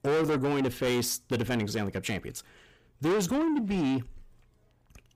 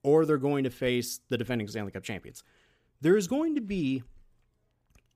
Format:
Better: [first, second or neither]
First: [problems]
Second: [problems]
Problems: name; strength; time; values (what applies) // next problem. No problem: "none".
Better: second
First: distortion; heavy; 6 dB below the speech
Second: none